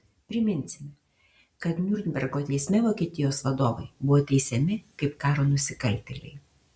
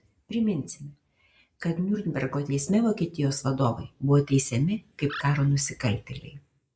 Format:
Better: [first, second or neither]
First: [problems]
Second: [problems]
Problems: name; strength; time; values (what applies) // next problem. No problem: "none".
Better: first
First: none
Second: noise reduction (neural mask model Resemble Enhance denoiser)